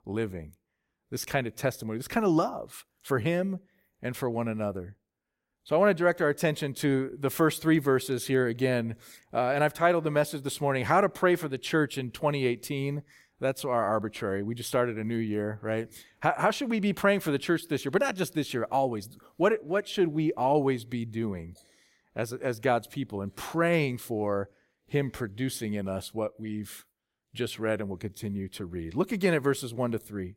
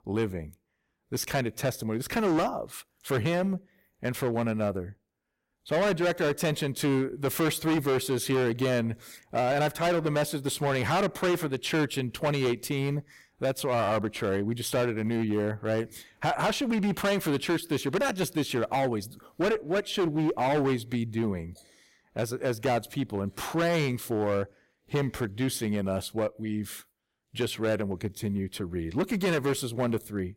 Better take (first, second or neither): first